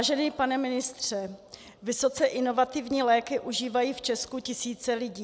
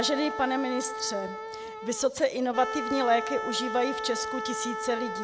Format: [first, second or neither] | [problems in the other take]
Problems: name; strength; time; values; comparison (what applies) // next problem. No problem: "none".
first | background sound (Wind instrument, woodwind instrument); 5 dB below the speech